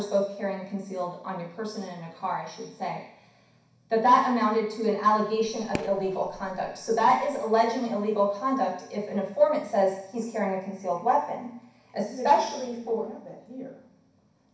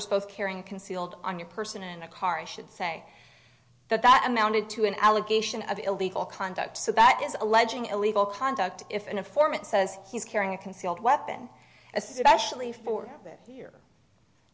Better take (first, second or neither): second